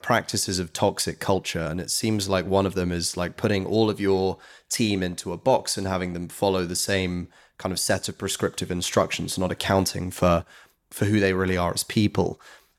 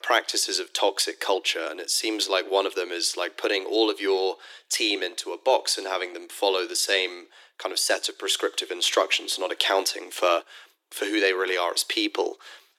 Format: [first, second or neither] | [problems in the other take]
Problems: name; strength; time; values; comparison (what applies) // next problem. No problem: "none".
first | thin; very; fading below 300 Hz